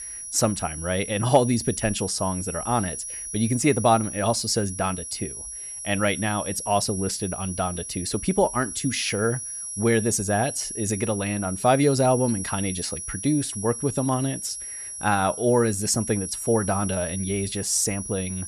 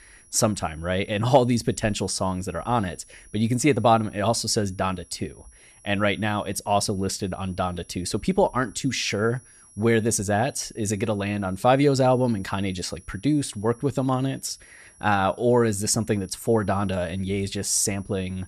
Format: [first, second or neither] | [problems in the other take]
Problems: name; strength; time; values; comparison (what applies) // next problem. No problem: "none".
second | high-pitched whine; loud; throughout; 10.5 kHz, 7 dB below the speech; faint in the second